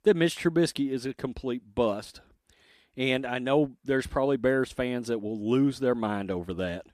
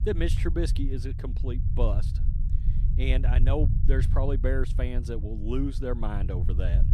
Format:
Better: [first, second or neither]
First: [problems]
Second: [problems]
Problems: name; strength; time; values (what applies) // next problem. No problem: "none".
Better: first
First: none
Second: low rumble; loud; throughout; 10 dB below the speech